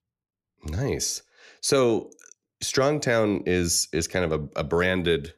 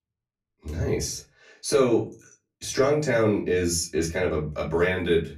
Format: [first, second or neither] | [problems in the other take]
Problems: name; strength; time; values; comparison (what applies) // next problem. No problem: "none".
first | off-mic speech; far // room echo; very slight; dies away in 0.3 s